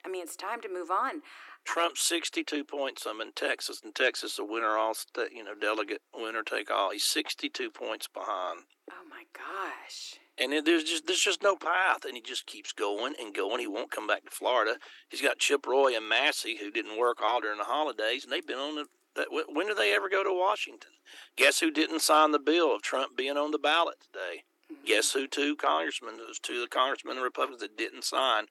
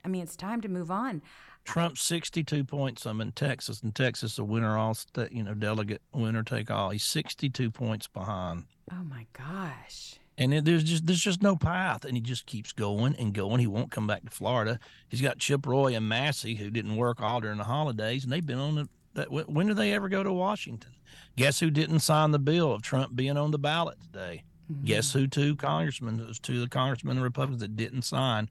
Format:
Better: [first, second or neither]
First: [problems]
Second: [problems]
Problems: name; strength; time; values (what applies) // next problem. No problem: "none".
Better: second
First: thin; very; fading below 300 Hz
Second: none